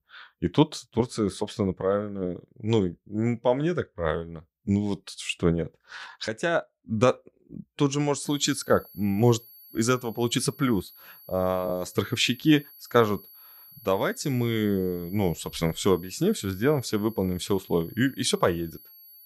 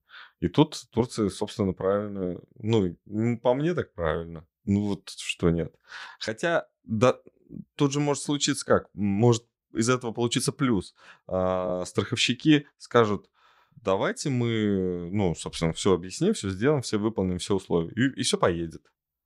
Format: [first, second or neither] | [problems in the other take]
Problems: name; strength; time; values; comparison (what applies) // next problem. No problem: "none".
second | high-pitched whine; faint; from 8 s on; 11.5 kHz, 20 dB below the speech